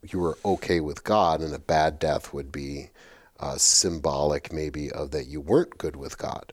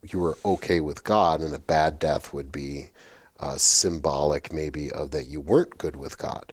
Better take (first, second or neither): first